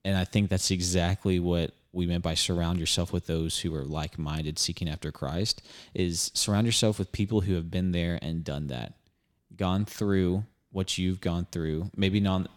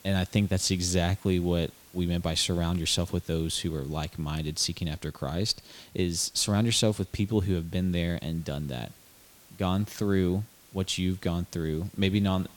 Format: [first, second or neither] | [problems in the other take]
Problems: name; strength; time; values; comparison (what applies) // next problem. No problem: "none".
first | hiss; faint; throughout; 25 dB below the speech